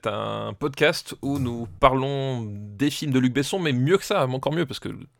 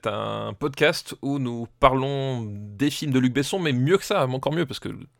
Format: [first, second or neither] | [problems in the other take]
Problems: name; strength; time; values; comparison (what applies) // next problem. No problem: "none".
second | keyboard typing; faint; at 1 s; peak 15 dB below the speech